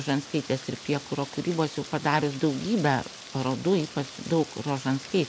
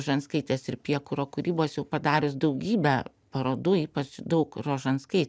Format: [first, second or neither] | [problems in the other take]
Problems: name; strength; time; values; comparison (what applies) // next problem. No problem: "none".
second | background sound (Rain); 15 dB below the speech